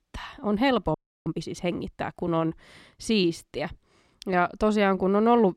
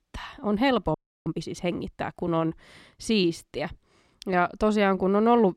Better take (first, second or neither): neither